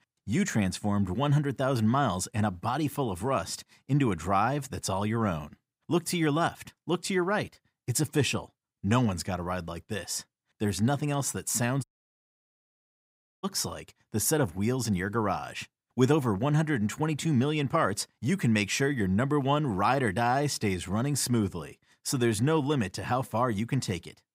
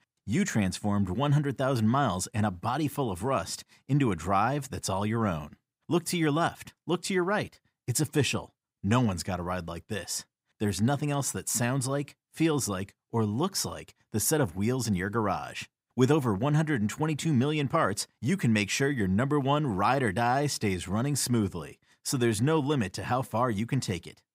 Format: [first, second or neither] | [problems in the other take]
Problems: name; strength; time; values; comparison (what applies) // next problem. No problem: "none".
second | audio cutting out; at 12 s for 1.5 s